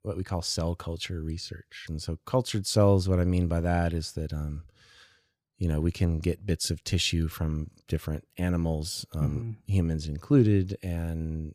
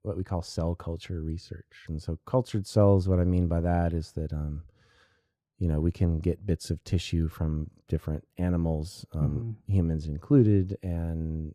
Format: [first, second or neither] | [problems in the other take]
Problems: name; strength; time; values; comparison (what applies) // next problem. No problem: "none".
first | muffled; slightly; fading above 1.5 kHz